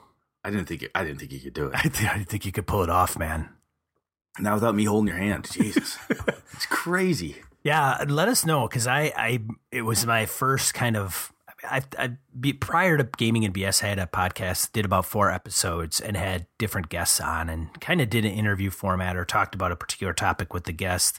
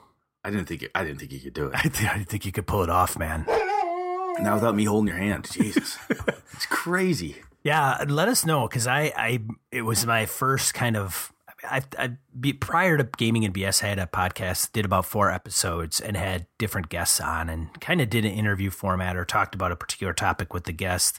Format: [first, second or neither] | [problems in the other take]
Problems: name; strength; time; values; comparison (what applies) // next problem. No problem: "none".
first | dog barking; loud; from 3.5 to 5 s; peak 1 dB above the speech